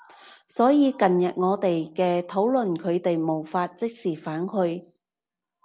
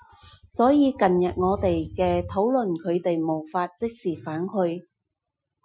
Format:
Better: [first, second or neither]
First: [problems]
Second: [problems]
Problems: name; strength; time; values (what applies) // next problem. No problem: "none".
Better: first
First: none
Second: noise reduction (classical method Wiener filter)